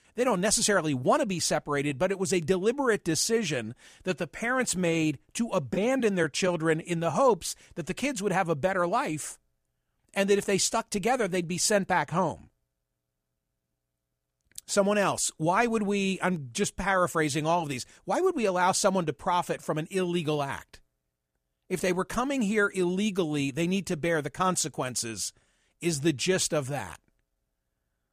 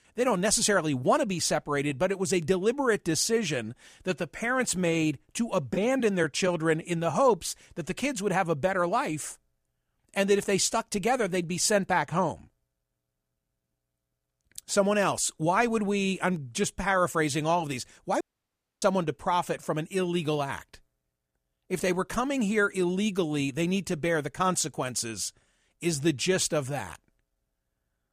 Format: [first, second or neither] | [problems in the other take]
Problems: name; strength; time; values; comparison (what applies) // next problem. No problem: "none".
first | audio cutting out; at 18 s for 0.5 s